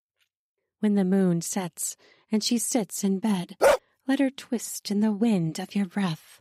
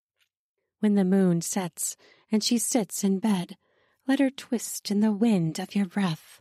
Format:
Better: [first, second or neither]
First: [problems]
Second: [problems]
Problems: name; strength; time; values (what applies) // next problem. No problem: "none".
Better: second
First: dog barking; loud; at 3.5 s; peak 4 dB above the speech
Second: none